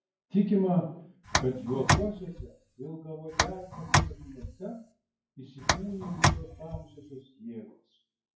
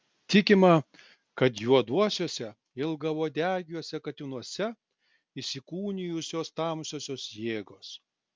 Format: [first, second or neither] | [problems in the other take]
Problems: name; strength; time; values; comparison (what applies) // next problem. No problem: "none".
second | noise reduction (classical method WPE with log-MMSE)